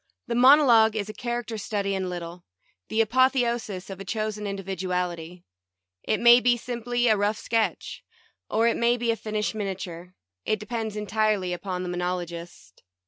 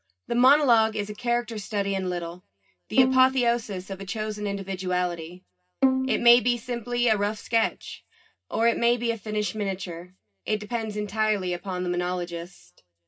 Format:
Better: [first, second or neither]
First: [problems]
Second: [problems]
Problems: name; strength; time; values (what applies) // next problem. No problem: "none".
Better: first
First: none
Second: background sound (Bowed string instrument); 2 dB below the speech // room echo; dies away in 0.4 s